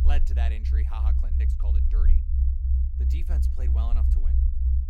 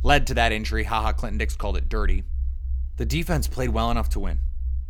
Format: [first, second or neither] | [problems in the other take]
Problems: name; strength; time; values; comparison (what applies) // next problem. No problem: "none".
second | low rumble; loud; throughout; as loud as the speech; faint in the second